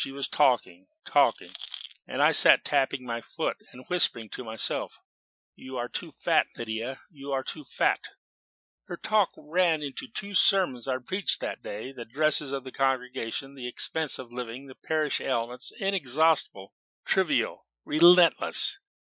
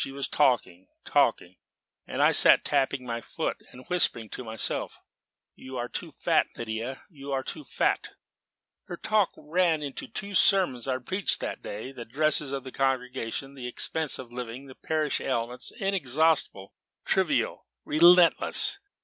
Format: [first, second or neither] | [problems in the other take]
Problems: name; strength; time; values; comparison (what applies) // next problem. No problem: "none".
second | noise reduction (classical method Wiener filter)